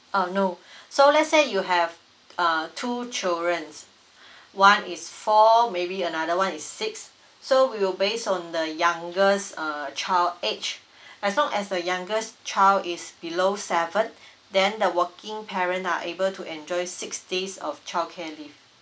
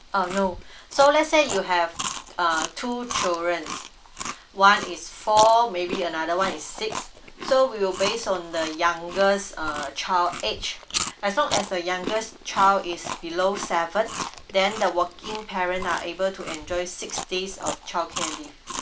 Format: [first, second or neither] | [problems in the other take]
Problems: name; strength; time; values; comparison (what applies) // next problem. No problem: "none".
first | background sound (Chewing, mastication); 10 dB below the speech